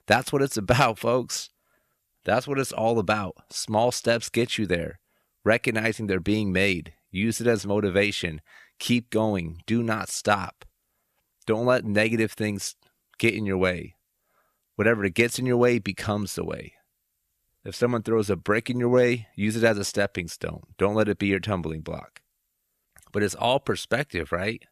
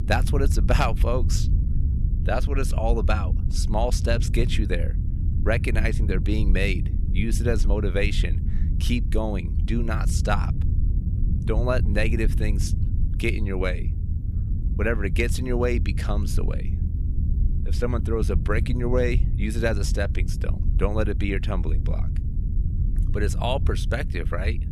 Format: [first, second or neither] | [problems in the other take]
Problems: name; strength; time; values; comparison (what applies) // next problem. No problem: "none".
first | low rumble; noticeable; throughout; 10 dB below the speech